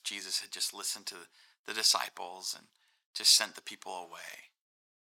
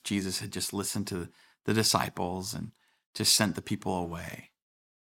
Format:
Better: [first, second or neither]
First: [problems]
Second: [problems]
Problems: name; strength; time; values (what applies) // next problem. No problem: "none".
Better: second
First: thin; very; fading below 750 Hz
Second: none